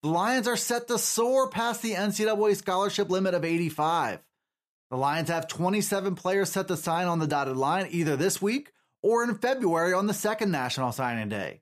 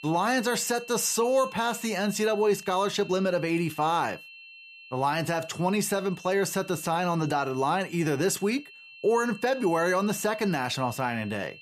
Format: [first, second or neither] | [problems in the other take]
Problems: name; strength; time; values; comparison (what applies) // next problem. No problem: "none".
first | high-pitched whine; noticeable; throughout; 2.5 kHz, 20 dB below the speech